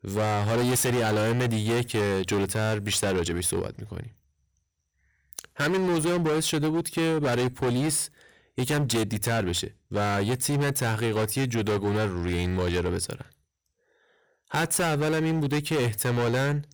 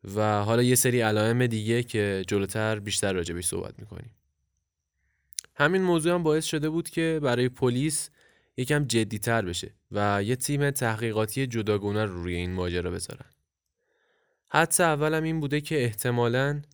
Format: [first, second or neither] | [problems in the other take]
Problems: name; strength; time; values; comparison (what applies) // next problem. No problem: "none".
second | distortion; heavy; 24% of the sound clipped